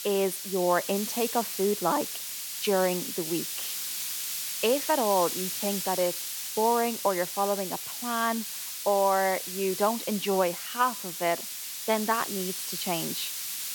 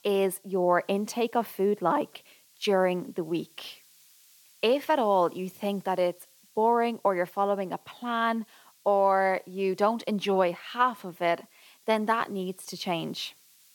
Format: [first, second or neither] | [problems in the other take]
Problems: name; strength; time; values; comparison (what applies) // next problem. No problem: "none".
second | hiss; loud; throughout; 4 dB below the speech; faint in the second